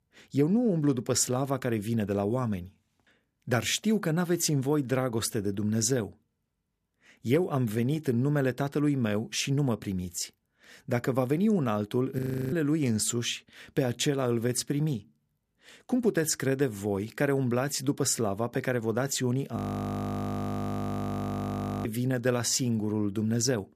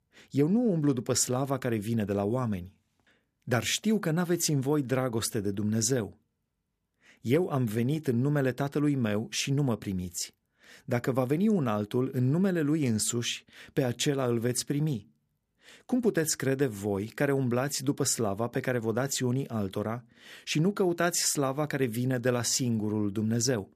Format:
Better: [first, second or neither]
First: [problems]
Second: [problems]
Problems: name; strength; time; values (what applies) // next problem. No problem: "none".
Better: second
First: audio freezing; at 12 s and at 20 s for 2.5 s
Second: none